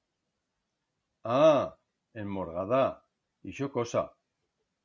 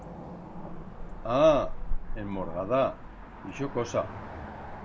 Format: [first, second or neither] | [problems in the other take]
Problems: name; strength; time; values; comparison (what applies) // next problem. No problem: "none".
first | background sound (Cricket / Motor vehicle (road)); 5 dB below the speech